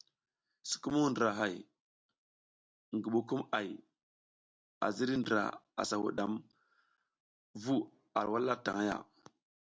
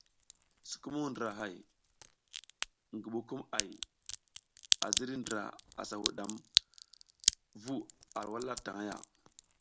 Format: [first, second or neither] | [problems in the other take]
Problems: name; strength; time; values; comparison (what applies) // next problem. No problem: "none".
first | background sound (Crack); 3 dB above the speech